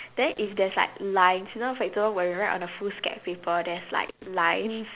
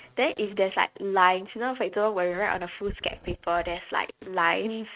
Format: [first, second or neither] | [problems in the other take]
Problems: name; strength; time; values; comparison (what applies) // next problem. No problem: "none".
first | noise reduction (neural mask model RNNoise)